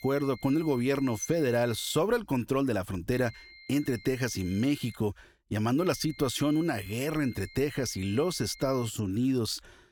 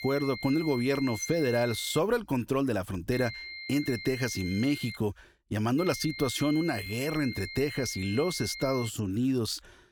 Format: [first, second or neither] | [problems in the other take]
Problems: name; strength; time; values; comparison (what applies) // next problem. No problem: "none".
first | high-pitched whine; loud; until 2 s, from 3 to 5 s and from 6 to 9 s; 2 kHz, 10 dB below the speech; faint in the first